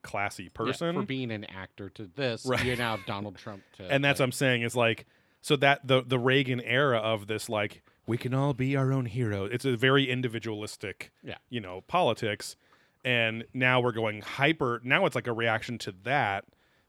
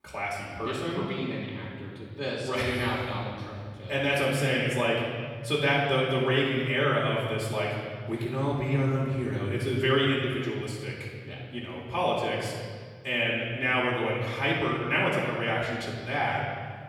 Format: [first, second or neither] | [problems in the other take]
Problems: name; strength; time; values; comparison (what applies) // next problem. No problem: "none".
first | room echo; noticeable; dies away in 1.9 s // off-mic speech; far